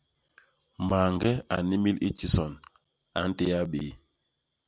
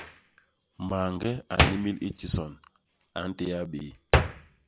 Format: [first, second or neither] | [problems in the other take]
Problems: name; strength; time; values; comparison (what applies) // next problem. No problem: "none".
first | background sound (Hands); 2 dB above the speech